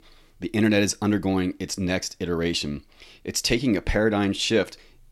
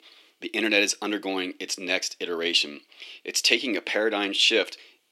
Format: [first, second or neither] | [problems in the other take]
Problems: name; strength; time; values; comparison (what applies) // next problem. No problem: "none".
first | thin; somewhat; fading below 300 Hz